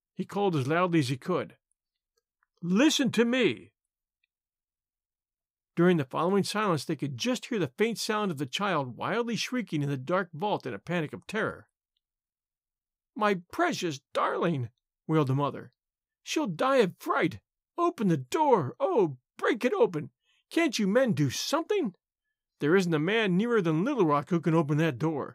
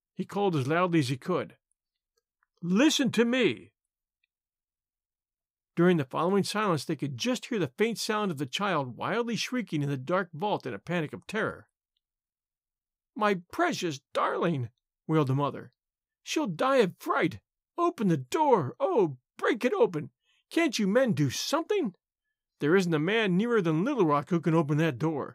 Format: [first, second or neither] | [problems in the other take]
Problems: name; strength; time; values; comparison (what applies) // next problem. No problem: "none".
neither | none